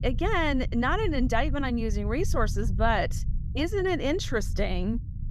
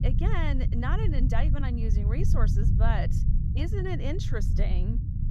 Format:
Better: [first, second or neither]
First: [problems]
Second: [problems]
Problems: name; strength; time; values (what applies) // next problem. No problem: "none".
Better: first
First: low rumble; faint; throughout; 20 dB below the speech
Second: low rumble; loud; throughout; 6 dB below the speech